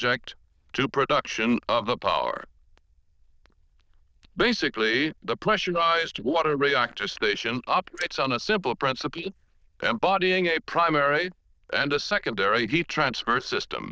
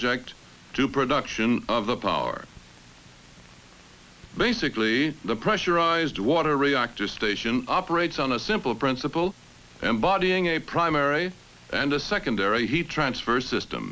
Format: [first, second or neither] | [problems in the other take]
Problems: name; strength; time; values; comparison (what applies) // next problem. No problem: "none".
second | noise reduction (neural diffusion model UNIVERSE++)